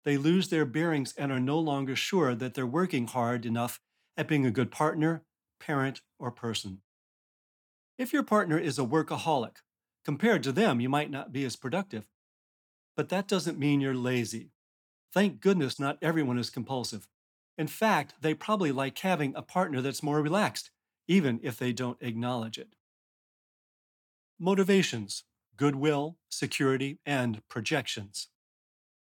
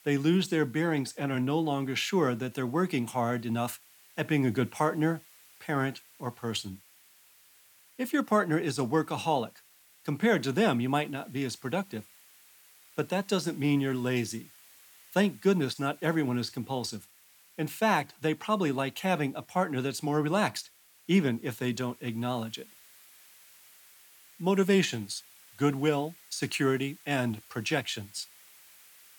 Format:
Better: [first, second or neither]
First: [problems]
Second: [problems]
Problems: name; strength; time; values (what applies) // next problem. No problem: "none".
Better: first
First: none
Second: hiss; faint; throughout; 25 dB below the speech